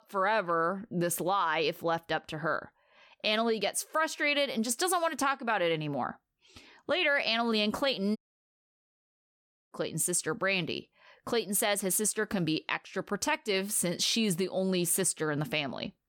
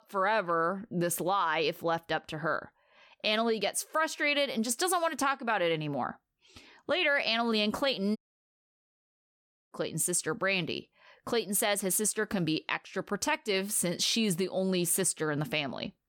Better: neither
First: audio cutting out; at 8 s for 1.5 s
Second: audio cutting out; at 8 s for 1.5 s

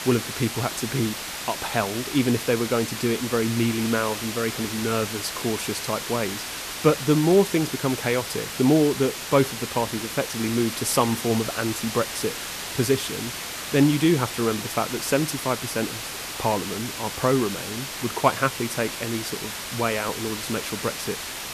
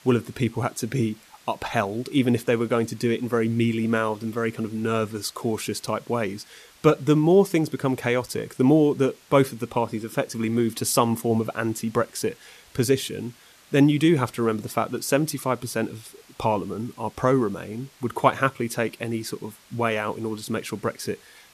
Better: second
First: hiss; loud; throughout; 6 dB below the speech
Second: hiss; faint; throughout; 25 dB below the speech

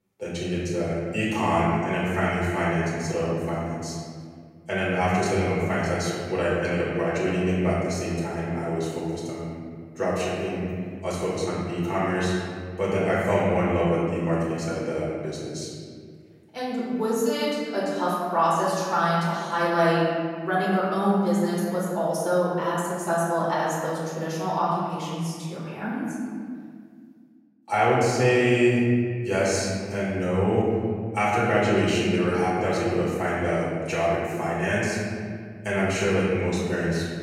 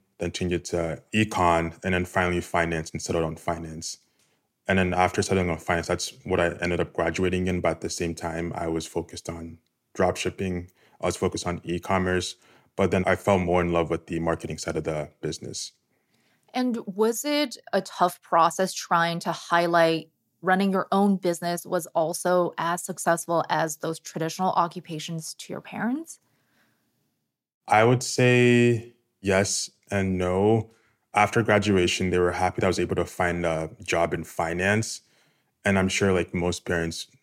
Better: second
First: room echo; strong; dies away in 2 s // off-mic speech; far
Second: none

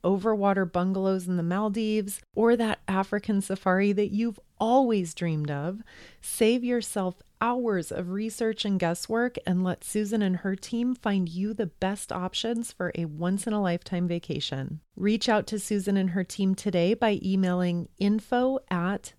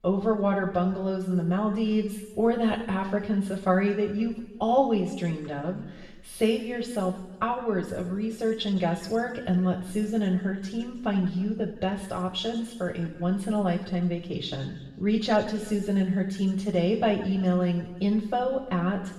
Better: first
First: none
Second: room echo; noticeable; dies away in 1.1 s // off-mic speech; far

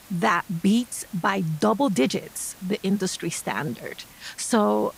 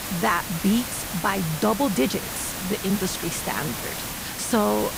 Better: first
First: hiss; faint; throughout; 20 dB below the speech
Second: hiss; loud; throughout; 5 dB below the speech

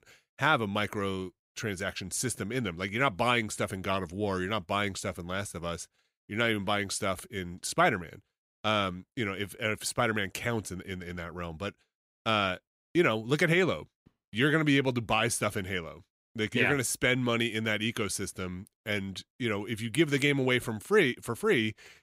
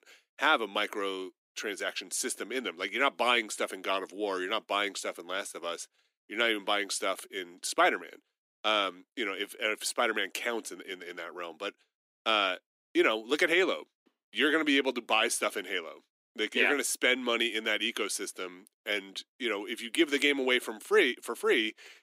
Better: first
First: none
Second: thin; somewhat; fading below 250 Hz

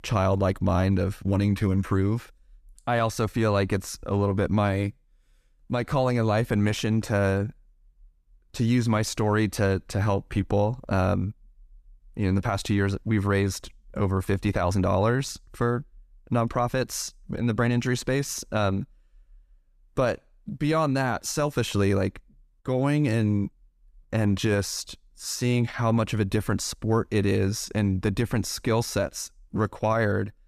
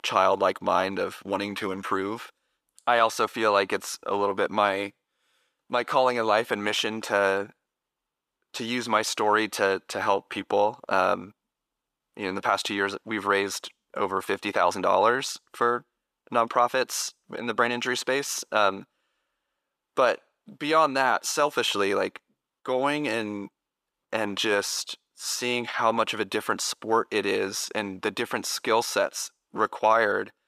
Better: first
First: none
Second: thin; very; fading below 450 Hz

